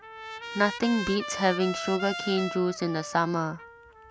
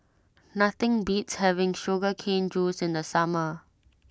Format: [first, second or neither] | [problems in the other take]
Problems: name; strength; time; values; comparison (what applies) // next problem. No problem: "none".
second | background sound (Trumpet); 9 dB below the speech